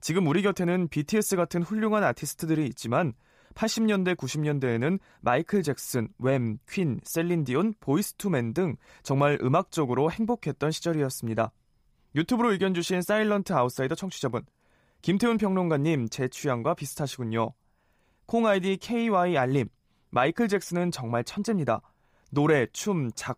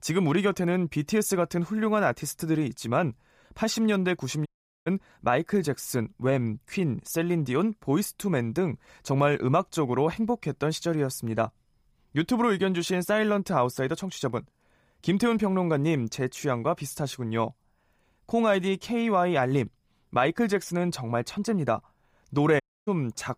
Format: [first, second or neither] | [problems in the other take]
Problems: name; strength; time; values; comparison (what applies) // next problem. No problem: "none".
first | audio cutting out; at 4.5 s and at 23 s